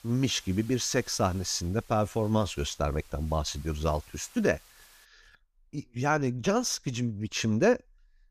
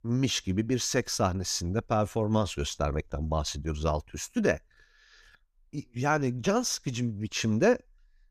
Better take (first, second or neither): second